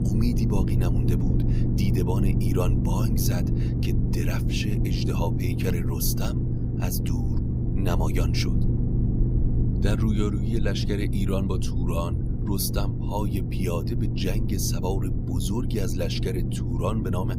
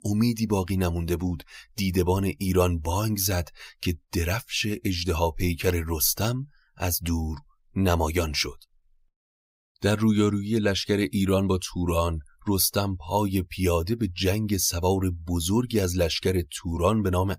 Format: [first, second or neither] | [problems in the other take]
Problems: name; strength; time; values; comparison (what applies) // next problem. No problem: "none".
second | low rumble; loud; throughout; 3 dB below the speech